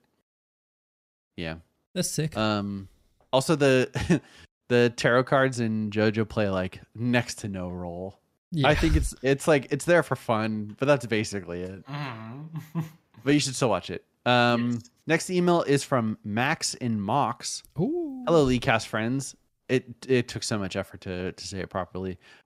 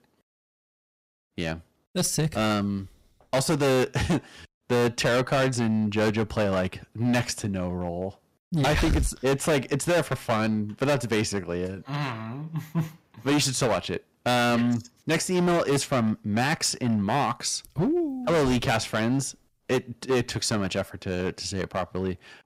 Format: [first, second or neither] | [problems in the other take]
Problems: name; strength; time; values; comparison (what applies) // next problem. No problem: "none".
first | distortion; heavy; 12% of the sound clipped